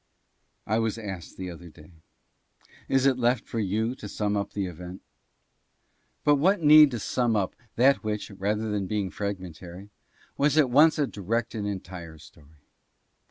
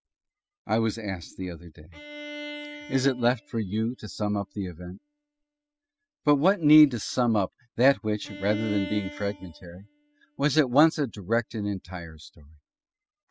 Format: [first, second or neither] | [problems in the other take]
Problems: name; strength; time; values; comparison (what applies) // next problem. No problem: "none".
first | noise reduction (classical method spectral subtraction)